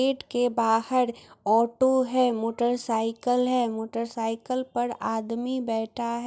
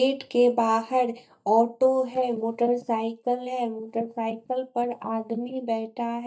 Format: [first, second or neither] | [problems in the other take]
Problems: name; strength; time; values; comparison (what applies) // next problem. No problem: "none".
first | noise reduction (neural mask model DeepFilterNet 3)